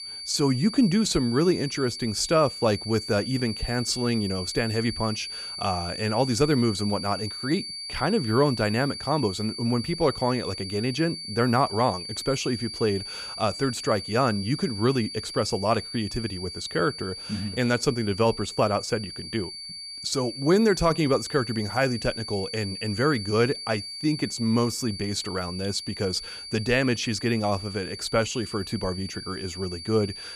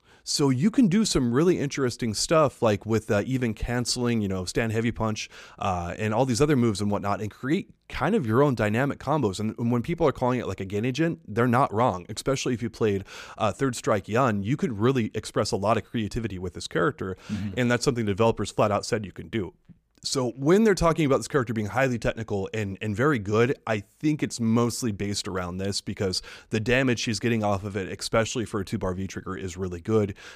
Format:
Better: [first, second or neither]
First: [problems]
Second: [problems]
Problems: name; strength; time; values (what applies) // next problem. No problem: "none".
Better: second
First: high-pitched whine; loud; throughout; 4.5 kHz, 8 dB below the speech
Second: none